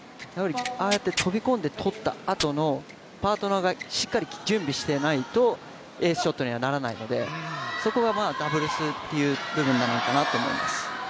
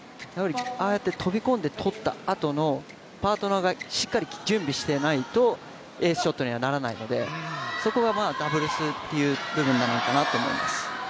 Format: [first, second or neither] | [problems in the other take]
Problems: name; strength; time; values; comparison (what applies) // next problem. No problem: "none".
second | background sound (Tearing); 9 dB below the speech